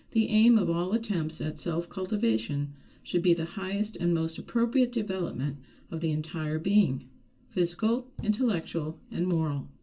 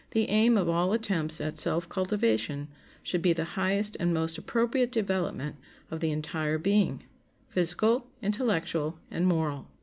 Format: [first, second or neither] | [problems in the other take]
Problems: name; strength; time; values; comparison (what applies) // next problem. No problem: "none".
second | background sound (Knock); 18 dB below the speech // room echo; dies away in 0.2 s